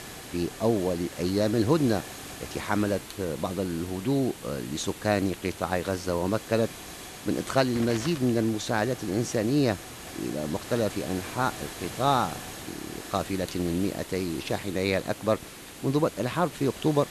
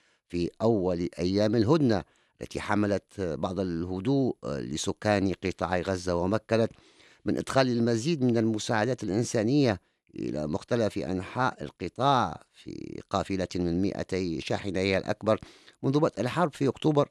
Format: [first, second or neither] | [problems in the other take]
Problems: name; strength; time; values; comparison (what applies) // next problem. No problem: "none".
second | hiss; noticeable; throughout; 10 dB below the speech